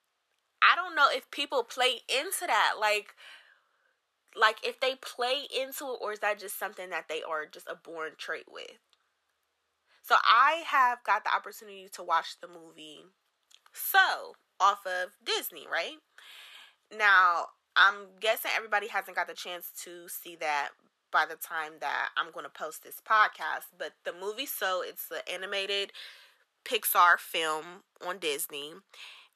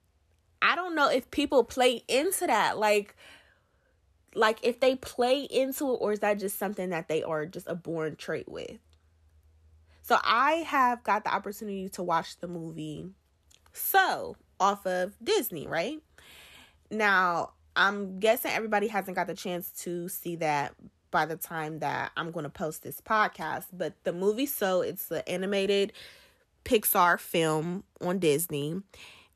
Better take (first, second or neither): second